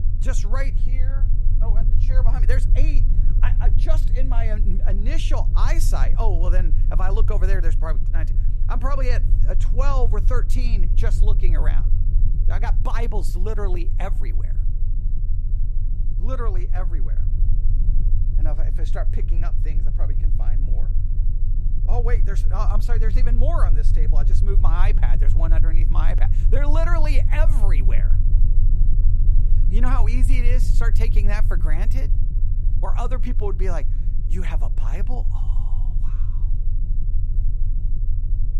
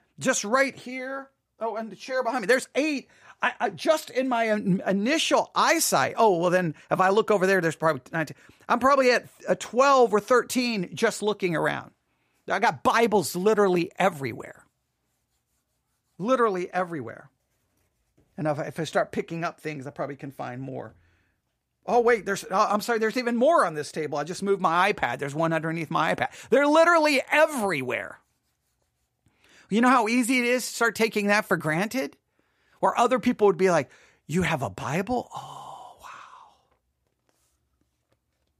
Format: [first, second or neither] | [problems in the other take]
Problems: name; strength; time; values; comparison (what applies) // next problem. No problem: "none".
second | low rumble; noticeable; throughout; 10 dB below the speech